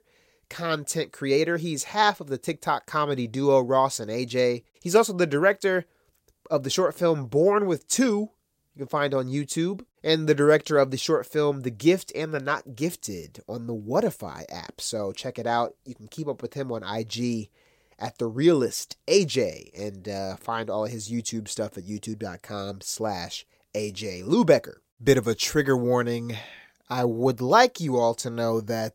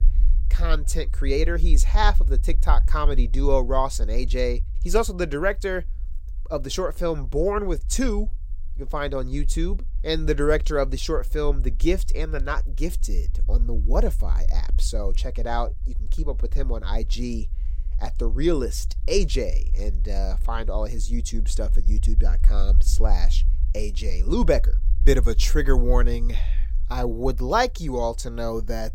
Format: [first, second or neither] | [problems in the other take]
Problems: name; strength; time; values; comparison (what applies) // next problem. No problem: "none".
first | low rumble; faint; throughout; 25 dB below the speech